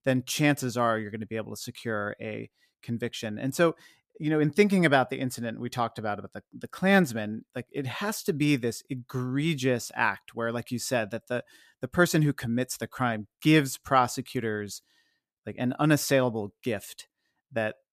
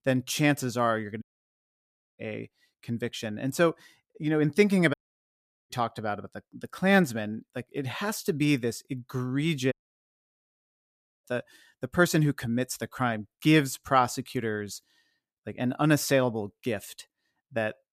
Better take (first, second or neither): first